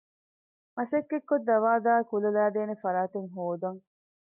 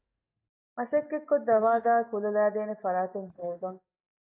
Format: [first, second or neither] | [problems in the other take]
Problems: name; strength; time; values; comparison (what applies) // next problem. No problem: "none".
first | noise reduction (neural mask model DeepFilterNet 3)